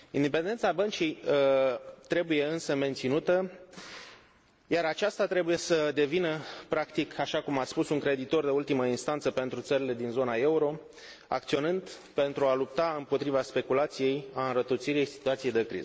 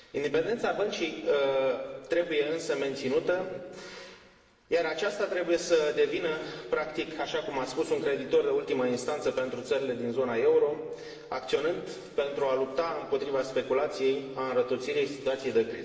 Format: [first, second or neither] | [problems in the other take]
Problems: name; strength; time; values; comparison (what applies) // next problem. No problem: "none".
first | room echo; dies away in 2 s